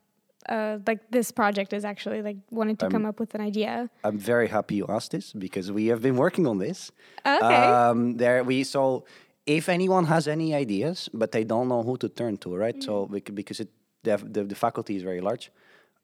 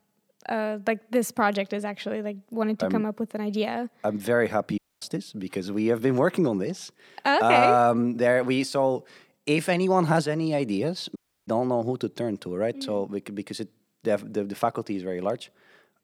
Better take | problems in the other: first | audio cutting out; at 5 s and at 11 s

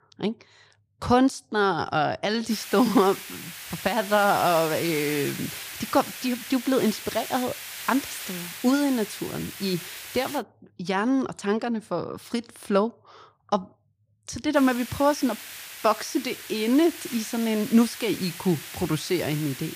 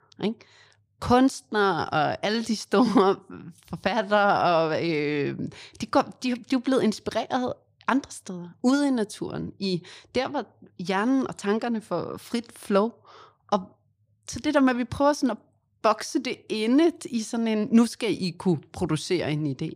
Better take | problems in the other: second | hiss; noticeable; from 2.5 to 10 s and from 15 s on; 10 dB below the speech

